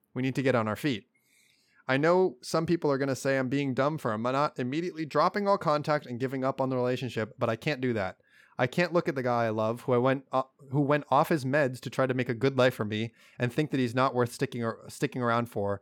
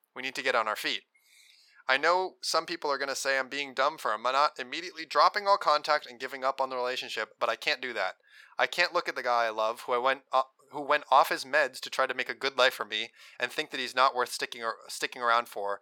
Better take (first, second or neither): first